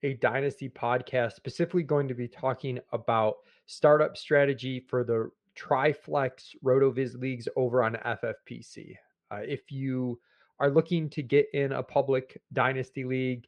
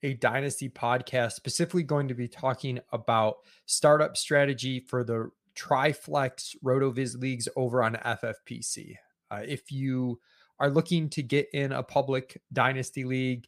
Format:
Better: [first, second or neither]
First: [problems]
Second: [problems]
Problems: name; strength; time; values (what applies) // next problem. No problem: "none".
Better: second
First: muffled; slightly; fading above 2.5 kHz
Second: none